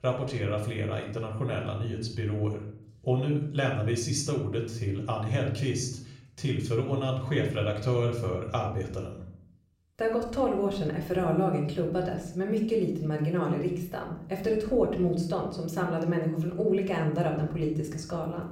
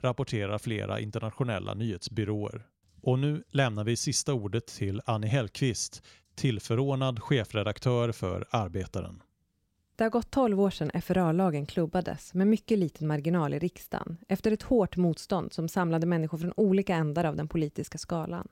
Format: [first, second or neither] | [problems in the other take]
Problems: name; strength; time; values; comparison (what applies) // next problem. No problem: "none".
second | off-mic speech; somewhat distant // room echo; slight; dies away in 0.6 s